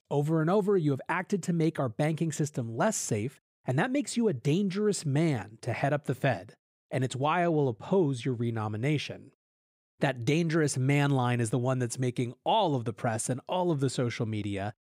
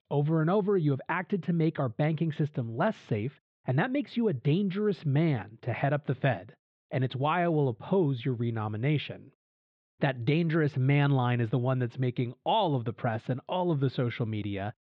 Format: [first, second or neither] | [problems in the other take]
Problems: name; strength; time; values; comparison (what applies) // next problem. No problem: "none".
first | muffled; very; fading above 3.5 kHz